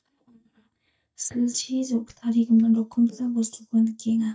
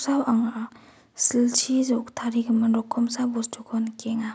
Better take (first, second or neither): second